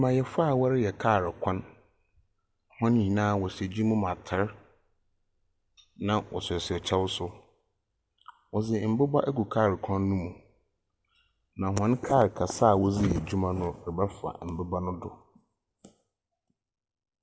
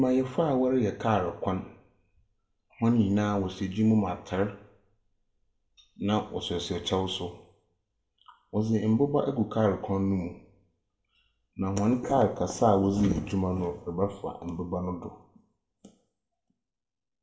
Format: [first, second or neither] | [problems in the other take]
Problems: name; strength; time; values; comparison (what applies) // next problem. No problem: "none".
first | room echo; dies away in 0.4 s